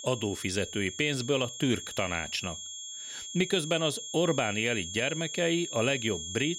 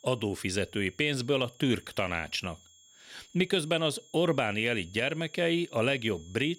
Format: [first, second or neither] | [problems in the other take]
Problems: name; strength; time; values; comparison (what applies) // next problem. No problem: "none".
second | high-pitched whine; loud; throughout; 3.5 kHz, 8 dB below the speech; faint in the second